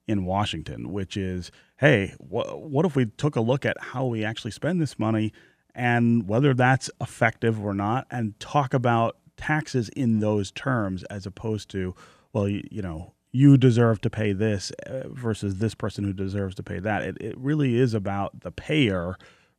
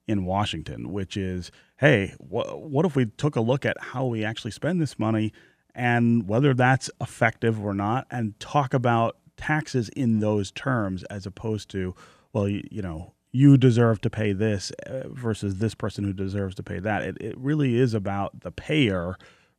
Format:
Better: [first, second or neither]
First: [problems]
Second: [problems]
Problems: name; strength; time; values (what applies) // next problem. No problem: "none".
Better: neither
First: none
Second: none